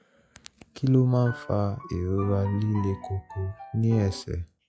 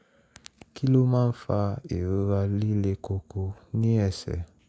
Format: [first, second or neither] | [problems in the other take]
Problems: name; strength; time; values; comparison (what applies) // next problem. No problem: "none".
second | noise reduction (classical method log-MMSE)